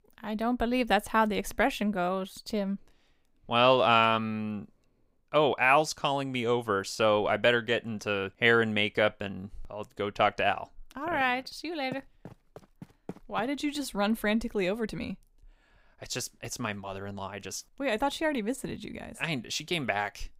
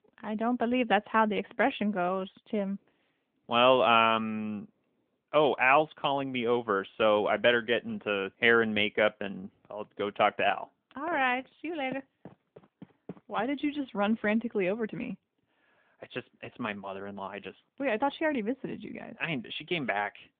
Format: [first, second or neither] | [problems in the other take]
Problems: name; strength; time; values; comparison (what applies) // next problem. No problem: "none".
first | phone-call audio; nothing above 3.5 kHz